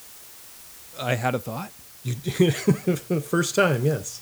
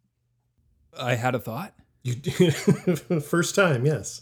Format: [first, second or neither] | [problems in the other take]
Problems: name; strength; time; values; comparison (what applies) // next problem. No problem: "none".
second | hiss; noticeable; throughout; 20 dB below the speech